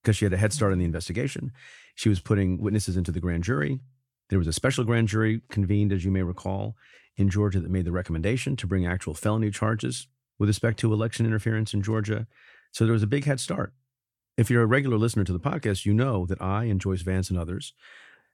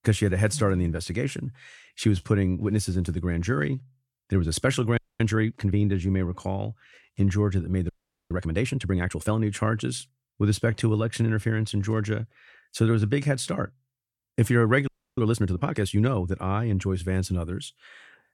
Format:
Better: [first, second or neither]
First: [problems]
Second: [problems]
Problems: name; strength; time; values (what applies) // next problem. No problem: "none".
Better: first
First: none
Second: audio freezing; at 5 s, at 8 s and at 15 s